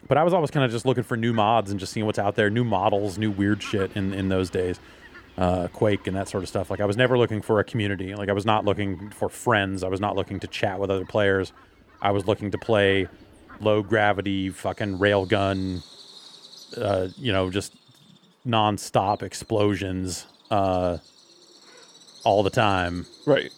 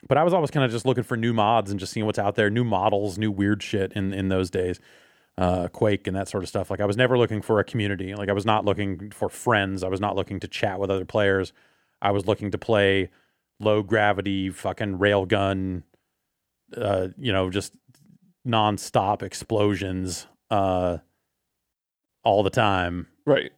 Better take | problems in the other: second | animal sounds; faint; throughout; 25 dB below the speech

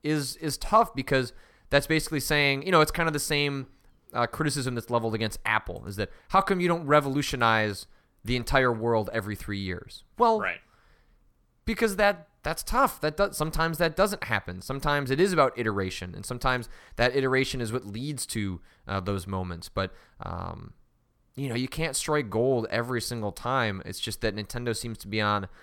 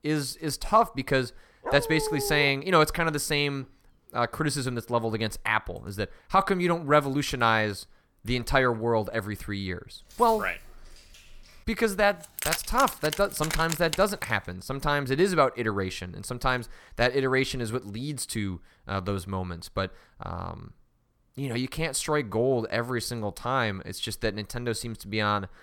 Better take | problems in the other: first | dog barking; noticeable; at 1.5 s; peak 5 dB below the speech // jangling keys; faint; from 10 to 12 s; peak 15 dB below the speech // jangling keys; noticeable; from 12 to 14 s; peak 3 dB below the speech

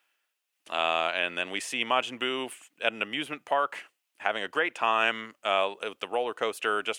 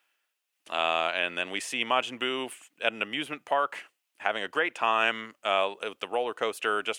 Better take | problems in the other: neither | thin; very; fading below 550 Hz; the same in both

